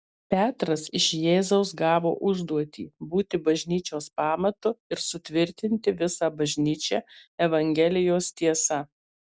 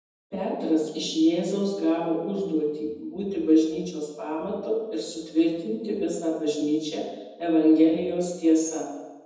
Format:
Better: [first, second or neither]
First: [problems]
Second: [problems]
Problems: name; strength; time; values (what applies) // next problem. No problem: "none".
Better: first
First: none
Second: room echo; dies away in 1.1 s